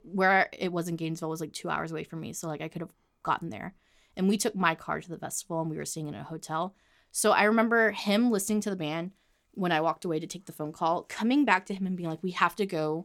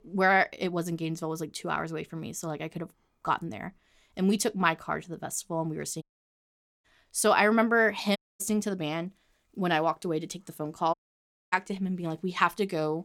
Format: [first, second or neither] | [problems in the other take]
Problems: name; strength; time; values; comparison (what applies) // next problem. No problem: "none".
first | audio cutting out; at 6 s for 1 s, at 8 s and at 11 s for 0.5 s